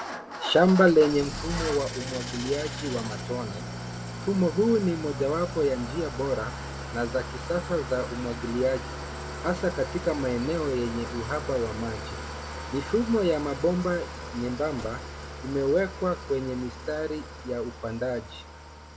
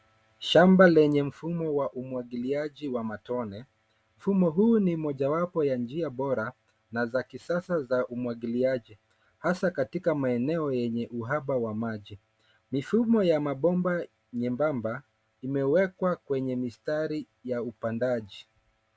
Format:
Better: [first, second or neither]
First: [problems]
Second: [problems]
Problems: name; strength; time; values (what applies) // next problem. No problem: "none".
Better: second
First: background sound (Idling / Engine starting); 8 dB below the speech // room echo; dies away in 0.3 s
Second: none